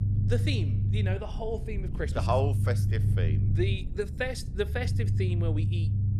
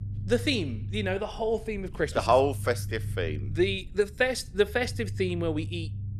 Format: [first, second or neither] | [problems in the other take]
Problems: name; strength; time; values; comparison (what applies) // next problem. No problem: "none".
second | low rumble; loud; throughout; 8 dB below the speech; faint in the second